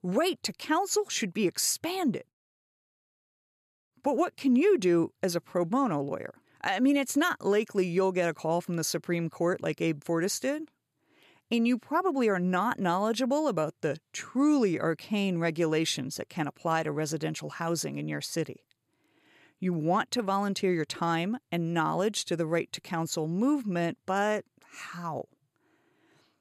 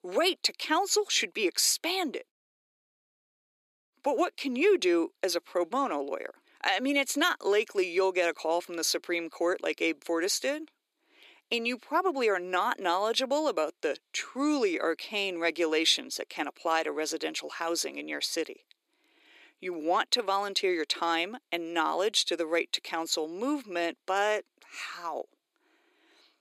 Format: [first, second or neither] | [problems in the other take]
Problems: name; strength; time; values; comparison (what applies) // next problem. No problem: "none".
first | thin; somewhat; fading below 300 Hz